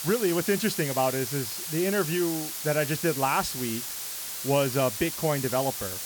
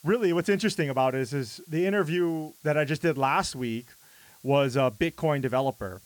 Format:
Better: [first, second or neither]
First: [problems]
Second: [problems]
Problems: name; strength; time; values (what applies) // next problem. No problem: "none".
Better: second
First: hiss; loud; throughout; 4 dB below the speech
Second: hiss; faint; throughout; 25 dB below the speech